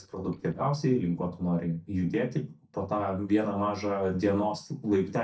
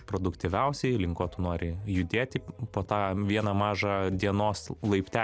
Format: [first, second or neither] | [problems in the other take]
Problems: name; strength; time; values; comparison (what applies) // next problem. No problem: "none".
second | noise reduction (neural mask model DeepFilterNet 3)